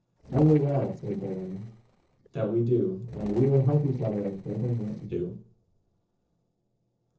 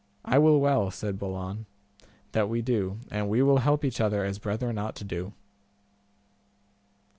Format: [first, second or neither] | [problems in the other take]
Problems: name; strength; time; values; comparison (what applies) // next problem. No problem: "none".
second | noise reduction (neural separator model SepFormer DNS4)